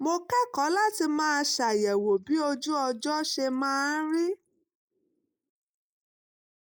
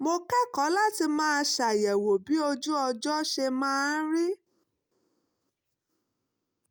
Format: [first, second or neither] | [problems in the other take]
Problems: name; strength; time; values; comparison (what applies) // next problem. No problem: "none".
second | noise reduction (neural mask model Resemble Enhance denoiser)